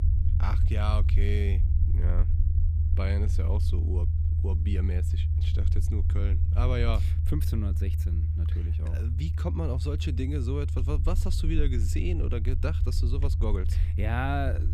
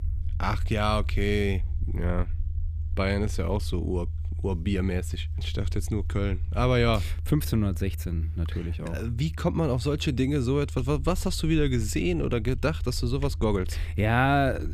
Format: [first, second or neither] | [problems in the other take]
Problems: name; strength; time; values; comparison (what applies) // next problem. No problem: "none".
second | low rumble; loud; throughout; 7 dB below the speech; faint in the second